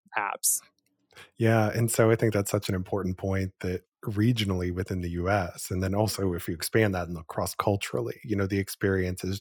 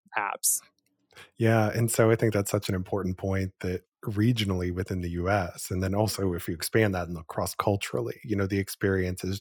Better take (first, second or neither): neither